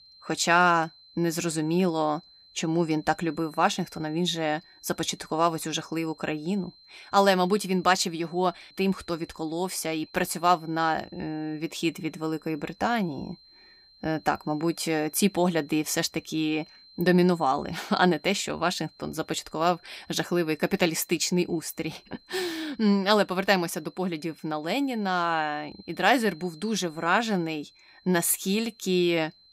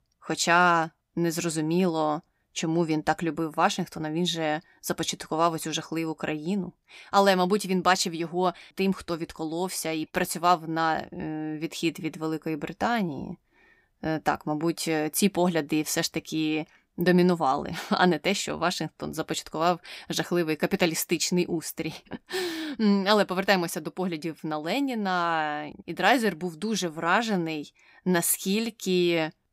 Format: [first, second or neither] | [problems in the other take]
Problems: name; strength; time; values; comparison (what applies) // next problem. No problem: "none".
second | high-pitched whine; faint; throughout; 4 kHz, 25 dB below the speech